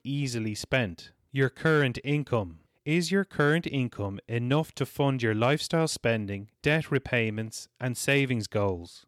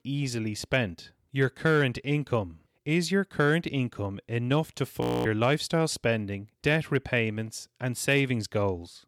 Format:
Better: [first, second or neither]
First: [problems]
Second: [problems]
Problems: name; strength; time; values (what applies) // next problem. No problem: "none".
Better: first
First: none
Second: audio freezing; at 5 s